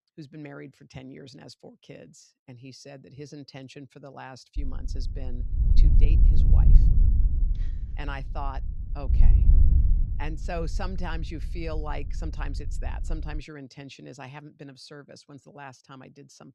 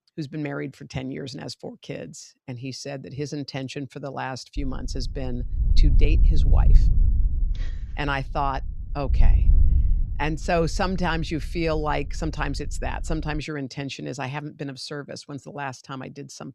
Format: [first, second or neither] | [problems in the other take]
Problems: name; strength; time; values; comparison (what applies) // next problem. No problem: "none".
second | wind noise on the microphone; heavy; from 4.5 to 13 s; 4 dB below the speech; occasional gusts in the second